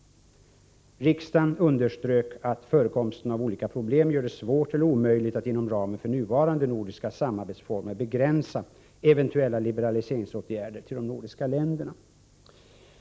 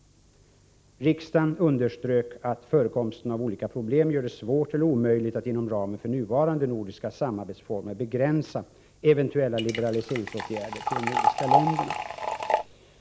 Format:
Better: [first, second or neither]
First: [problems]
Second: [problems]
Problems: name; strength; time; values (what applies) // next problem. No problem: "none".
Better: first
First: none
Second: background sound (Liquid); 1 dB below the speech